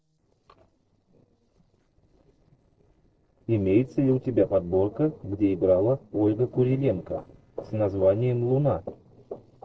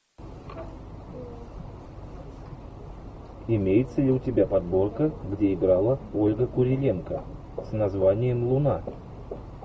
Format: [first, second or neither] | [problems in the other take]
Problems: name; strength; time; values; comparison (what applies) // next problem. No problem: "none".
second | noise reduction (neural separator model SepFormer DNS4)